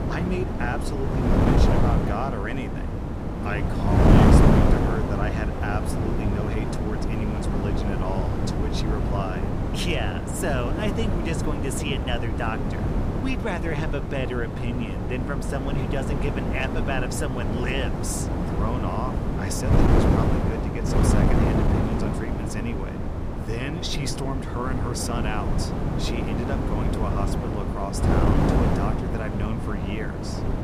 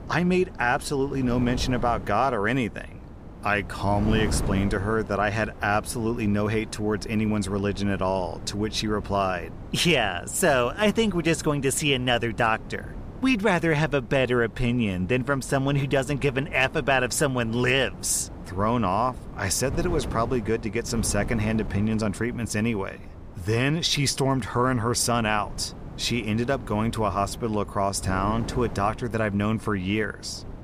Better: second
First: wind noise on the microphone; heavy; 2 dB above the speech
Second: wind noise on the microphone; occasional gusts; 20 dB below the speech

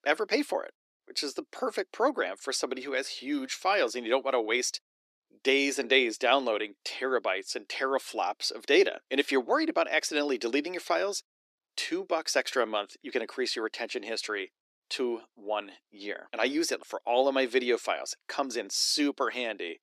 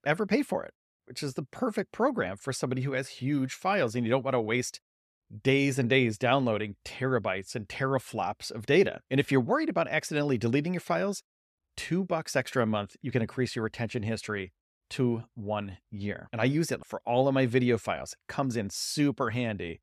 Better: second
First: thin; somewhat; fading below 300 Hz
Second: none

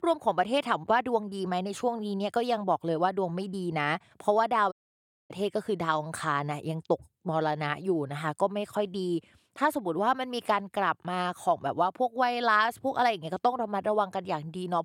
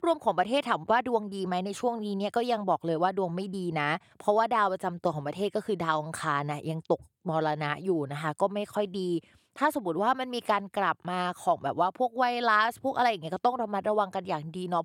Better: second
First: audio cutting out; at 4.5 s for 0.5 s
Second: none

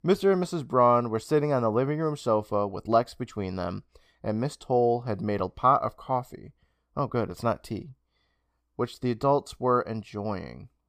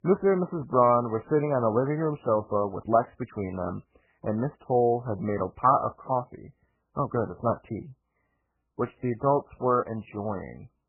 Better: first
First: none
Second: garbled, watery; badly; nothing above 2.5 kHz

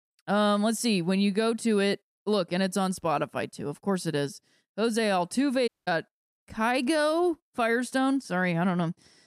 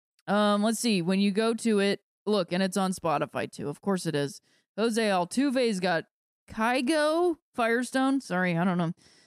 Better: second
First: audio cutting out; at 5.5 s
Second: none

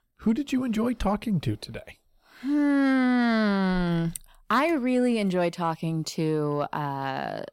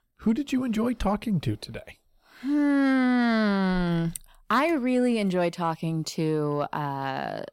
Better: neither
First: none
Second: none

